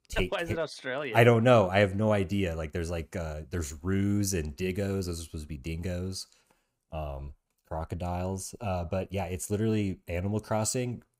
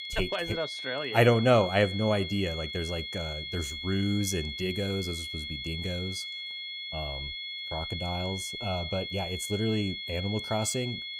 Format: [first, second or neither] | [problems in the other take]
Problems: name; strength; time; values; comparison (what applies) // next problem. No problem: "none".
first | high-pitched whine; loud; throughout; 3.5 kHz, 5 dB below the speech